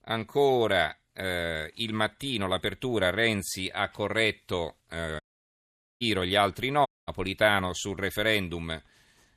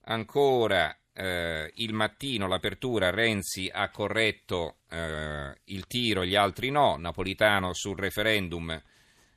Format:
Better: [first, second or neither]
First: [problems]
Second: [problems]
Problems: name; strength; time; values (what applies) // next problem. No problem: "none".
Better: second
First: audio cutting out; at 5 s for 1 s and at 7 s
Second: none